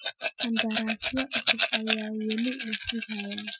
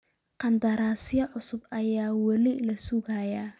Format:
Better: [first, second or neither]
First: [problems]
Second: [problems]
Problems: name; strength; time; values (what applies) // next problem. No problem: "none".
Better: second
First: noise reduction (classical method Wiener filter)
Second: none